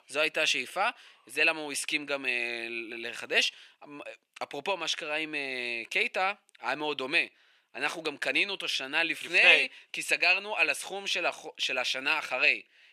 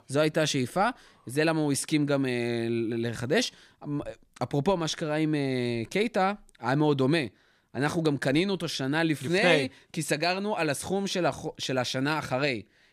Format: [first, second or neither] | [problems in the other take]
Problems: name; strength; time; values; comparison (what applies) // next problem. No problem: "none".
second | thin; somewhat; fading below 550 Hz